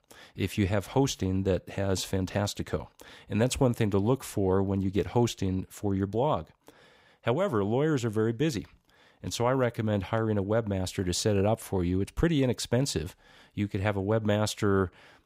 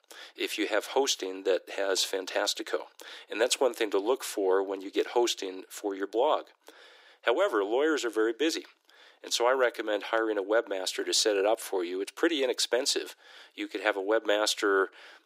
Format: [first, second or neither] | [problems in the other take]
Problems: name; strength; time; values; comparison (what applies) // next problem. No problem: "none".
first | thin; very; fading below 300 Hz